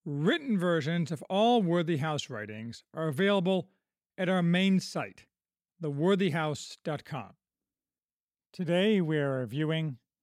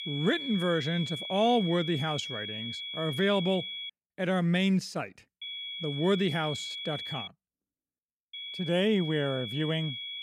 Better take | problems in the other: first | high-pitched whine; loud; until 4 s, from 5.5 to 7.5 s and from 8.5 s on; 3.5 kHz, 7 dB below the speech

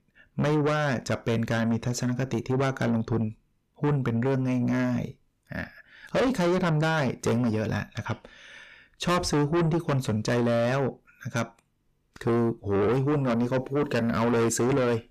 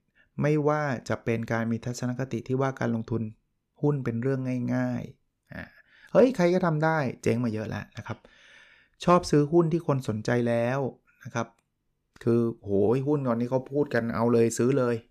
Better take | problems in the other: second | distortion; heavy; 6 dB below the speech

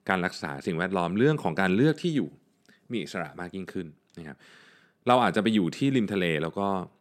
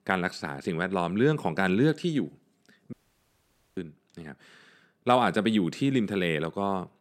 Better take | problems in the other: first | audio cutting out; at 3 s for 1 s

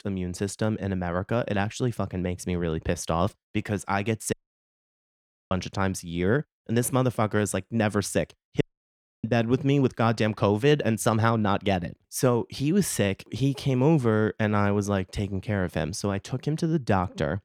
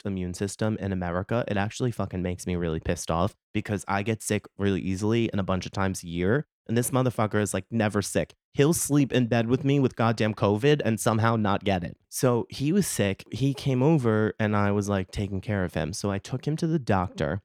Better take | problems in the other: second | audio cutting out; at 4.5 s for 1 s and at 8.5 s for 0.5 s

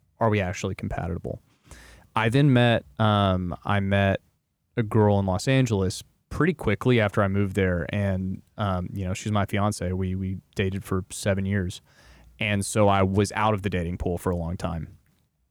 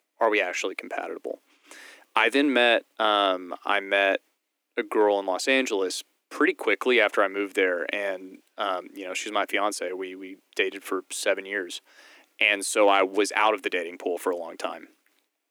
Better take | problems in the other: first | thin; somewhat; fading below 300 Hz

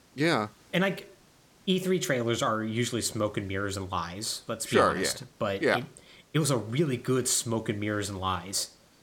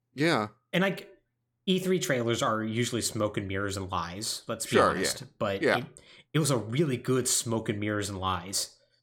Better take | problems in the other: second | hiss; faint; throughout; 30 dB below the speech

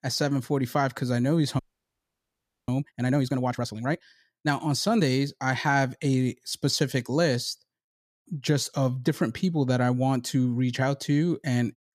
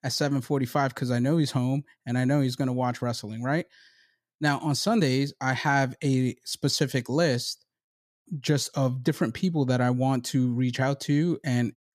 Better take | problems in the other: second | audio freezing; at 1.5 s for 1 s

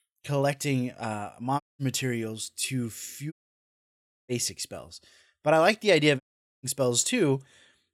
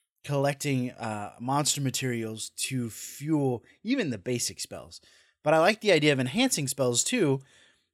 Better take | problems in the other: second | audio cutting out; at 1.5 s, at 3.5 s for 1 s and at 6 s

